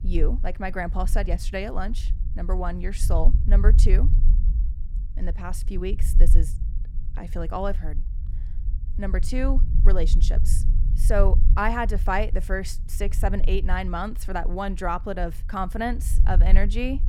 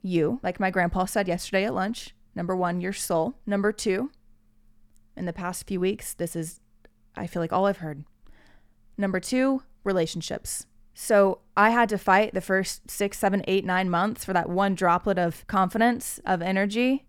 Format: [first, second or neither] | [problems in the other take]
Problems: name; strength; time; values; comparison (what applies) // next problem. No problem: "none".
second | low rumble; noticeable; throughout; 15 dB below the speech